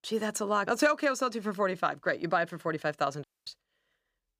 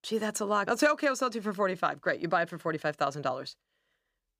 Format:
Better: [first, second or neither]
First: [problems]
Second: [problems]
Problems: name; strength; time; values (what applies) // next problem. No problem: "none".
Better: second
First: audio cutting out; at 3 s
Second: none